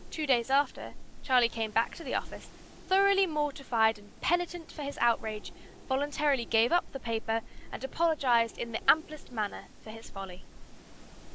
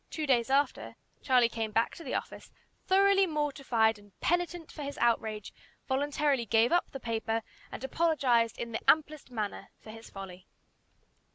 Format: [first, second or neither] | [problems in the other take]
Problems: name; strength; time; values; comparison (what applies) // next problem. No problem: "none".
second | background sound (Wind); 13 dB below the speech